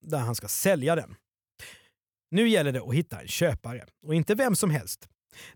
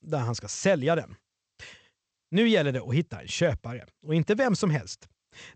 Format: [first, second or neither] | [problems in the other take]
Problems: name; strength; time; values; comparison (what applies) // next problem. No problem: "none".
first | garbled, watery; slightly; nothing above 8 kHz